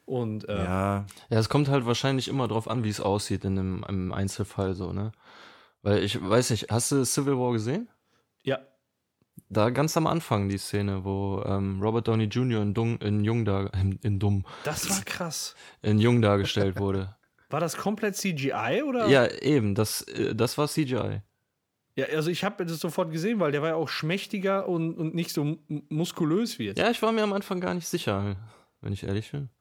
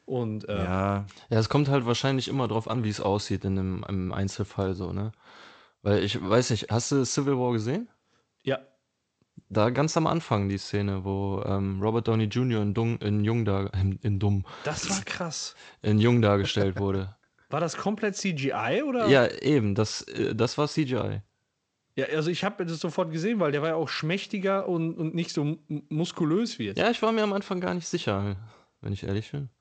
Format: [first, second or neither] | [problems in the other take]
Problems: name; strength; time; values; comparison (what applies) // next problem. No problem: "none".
first | garbled, watery; slightly; nothing above 7.5 kHz